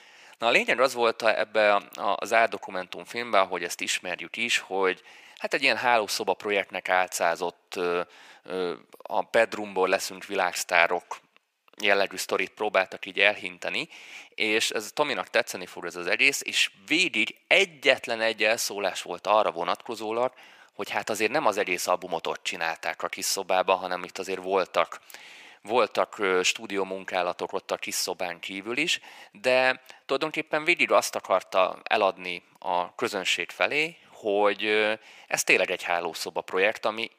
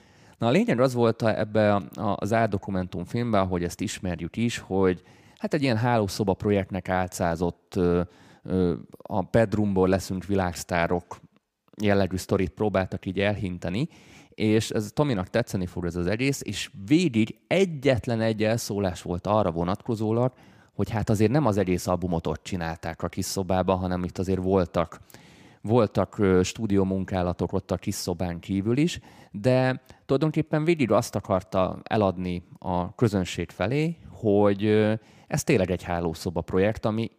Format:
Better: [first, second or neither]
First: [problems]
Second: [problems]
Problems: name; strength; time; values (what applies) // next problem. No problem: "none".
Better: second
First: thin; very; fading below 650 Hz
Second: none